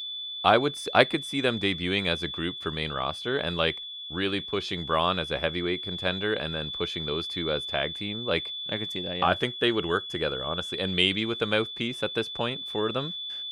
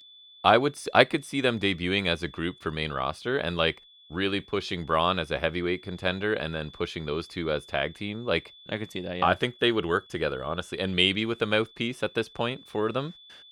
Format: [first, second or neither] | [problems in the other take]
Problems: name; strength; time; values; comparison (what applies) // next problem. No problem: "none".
second | high-pitched whine; loud; throughout; 3.5 kHz, 6 dB below the speech; faint in the second